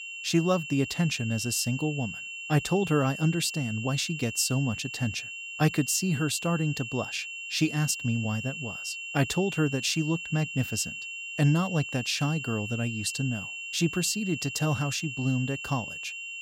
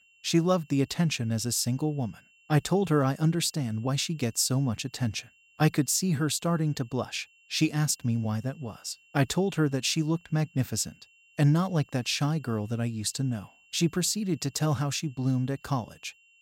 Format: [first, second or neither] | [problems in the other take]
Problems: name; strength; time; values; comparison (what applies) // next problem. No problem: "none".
second | high-pitched whine; loud; throughout; 3 kHz, 7 dB below the speech; faint in the second